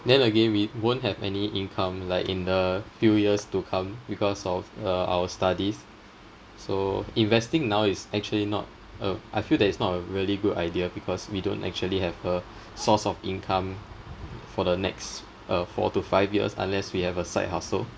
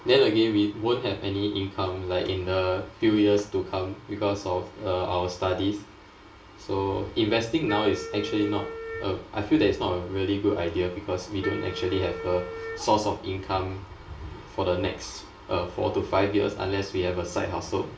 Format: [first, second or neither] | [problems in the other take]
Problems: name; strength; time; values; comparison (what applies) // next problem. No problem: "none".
first | background sound (Wind instrument, woodwind instrument); 11 dB below the speech // room echo; dies away in 0.3 s